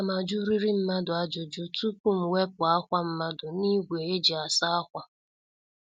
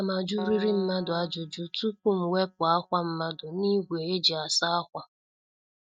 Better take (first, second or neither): first